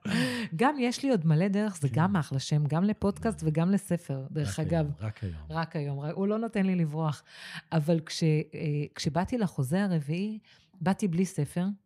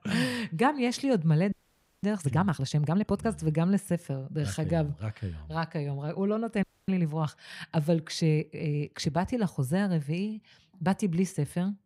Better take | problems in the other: first | audio freezing; at 1.5 s for 0.5 s and at 6.5 s

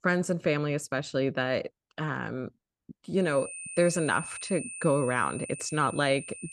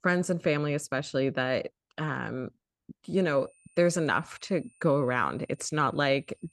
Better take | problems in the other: second | high-pitched whine; loud; from 3.5 s on; 9 kHz, 10 dB below the speech; faint in the second

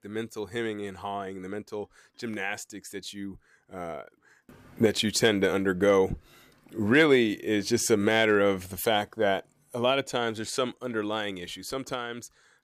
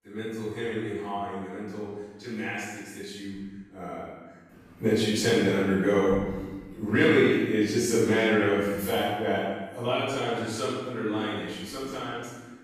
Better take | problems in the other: first | off-mic speech; far // room echo; strong; dies away in 1.2 s

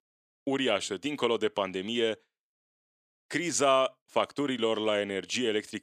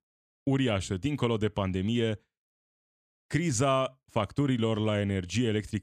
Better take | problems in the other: second | thin; somewhat; fading below 400 Hz

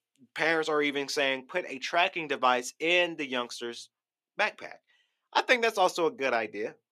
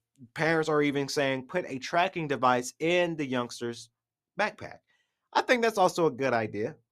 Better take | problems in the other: second | thin; very slightly; fading below 300 Hz

